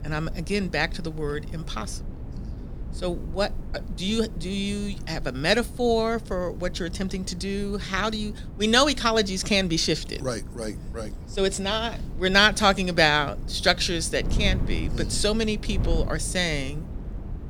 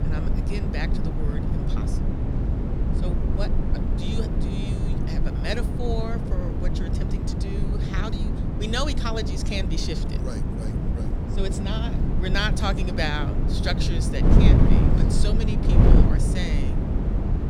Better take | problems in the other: first | wind noise on the microphone; heavy; 1 dB below the speech; occasional gusts in the first

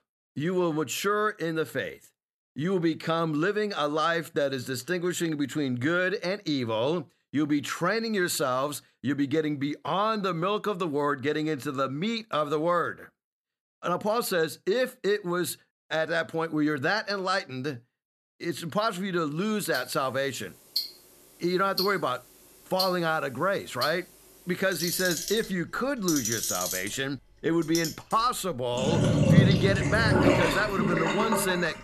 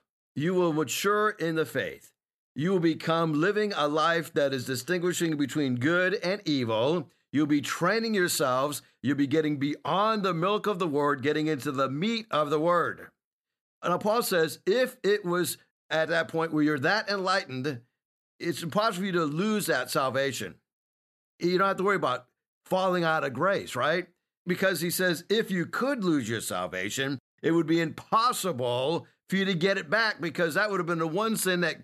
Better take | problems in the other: second | household noises; very loud; from 20 s on; 1 dB above the speech

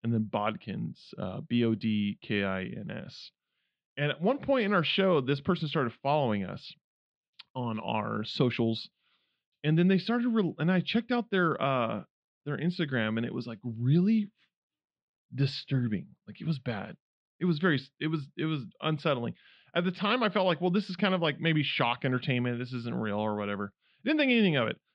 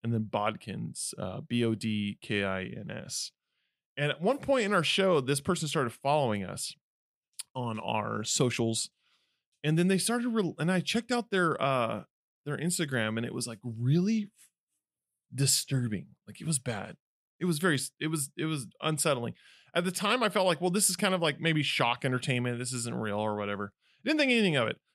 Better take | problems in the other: second | muffled; slightly; fading above 4 kHz

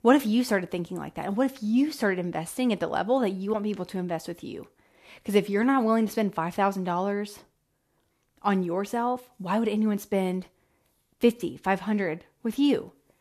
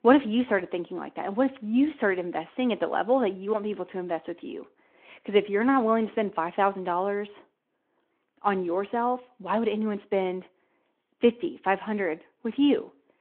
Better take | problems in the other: first | phone-call audio

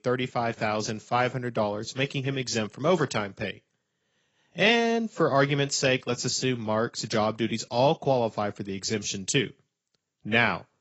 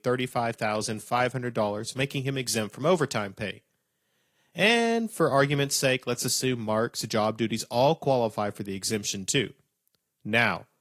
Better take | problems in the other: second | garbled, watery; badly; nothing above 8 kHz; slightly in the second

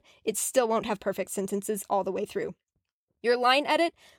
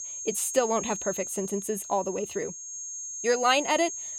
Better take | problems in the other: first | high-pitched whine; loud; throughout; 6.5 kHz, 7 dB below the speech

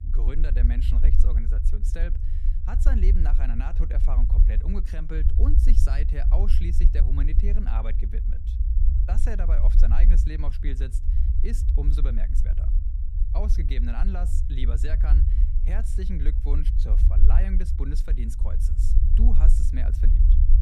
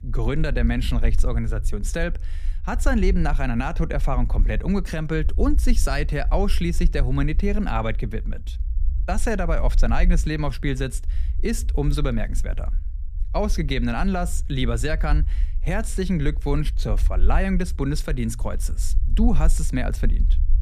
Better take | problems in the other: second | low rumble; loud; throughout; 4 dB below the speech; faint in the second

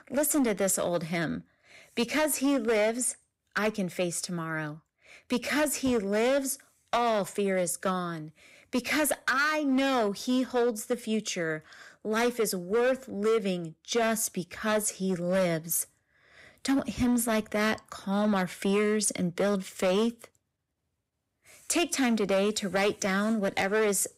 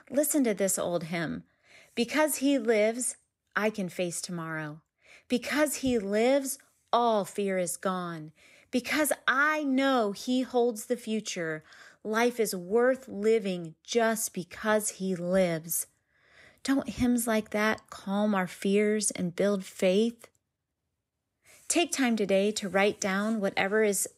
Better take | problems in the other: second | distortion; slight; 9% of the sound clipped

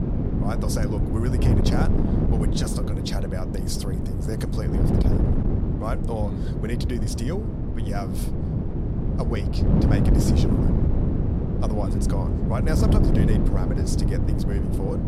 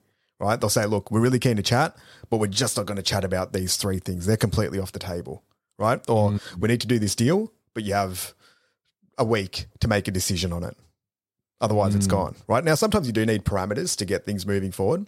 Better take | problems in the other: second | wind noise on the microphone; heavy; 2 dB above the speech

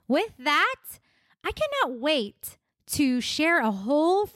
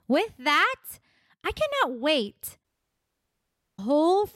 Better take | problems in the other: first | audio cutting out; at 2.5 s for 1 s

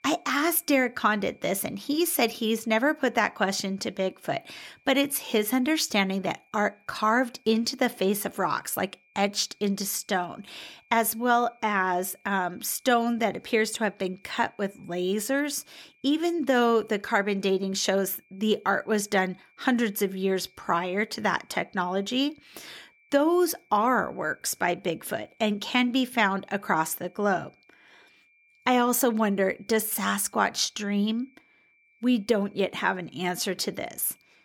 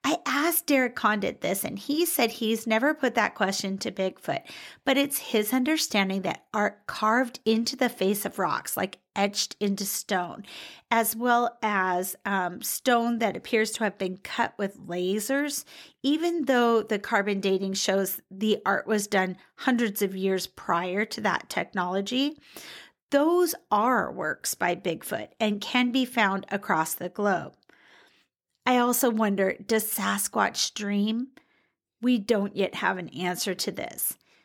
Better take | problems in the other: second | high-pitched whine; faint; throughout; 2.5 kHz, 35 dB below the speech

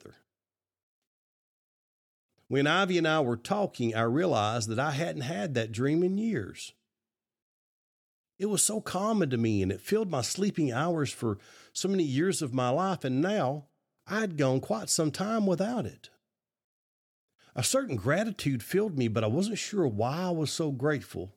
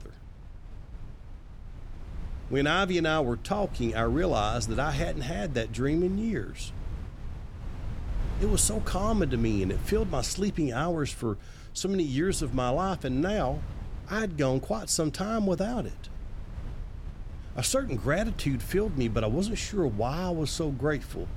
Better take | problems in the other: first | wind noise on the microphone; occasional gusts; 20 dB below the speech

